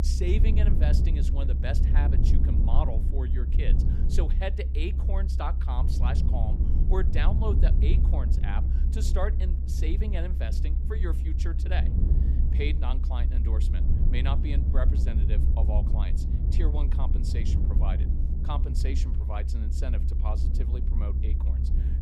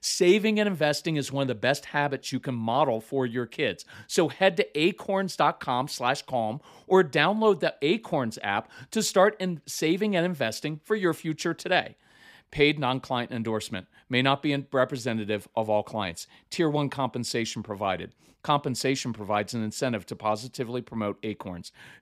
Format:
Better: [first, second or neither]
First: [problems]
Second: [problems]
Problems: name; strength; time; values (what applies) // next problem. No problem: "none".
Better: second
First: low rumble; loud; throughout; 4 dB below the speech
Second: none